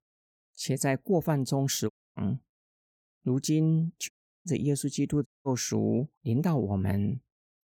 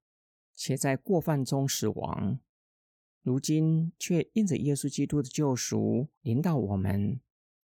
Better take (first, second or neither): second